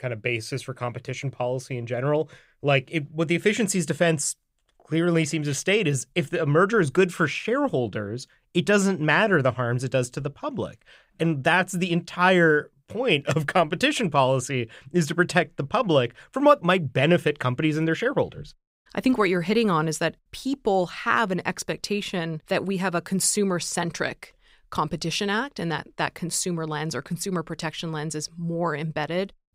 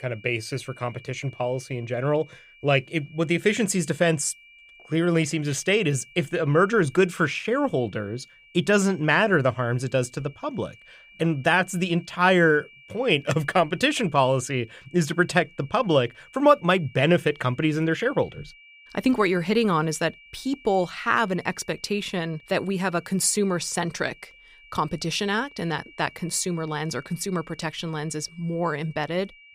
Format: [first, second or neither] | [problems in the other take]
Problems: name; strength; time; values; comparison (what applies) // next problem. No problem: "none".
first | high-pitched whine; faint; throughout; 2.5 kHz, 25 dB below the speech